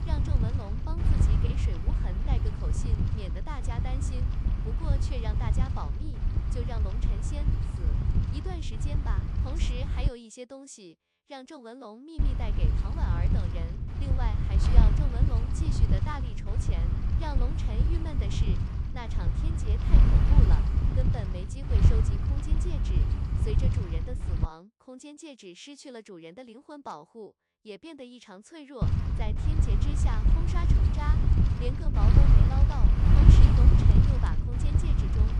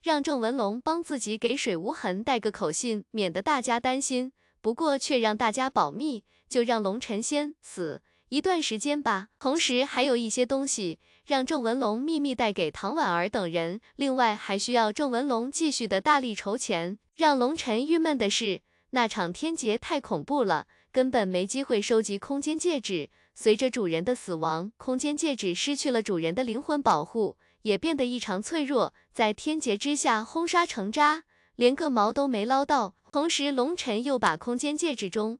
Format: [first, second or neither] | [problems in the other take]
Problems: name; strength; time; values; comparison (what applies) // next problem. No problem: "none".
second | wind noise on the microphone; heavy; until 10 s, from 12 to 24 s and from 29 s on; 2 dB above the speech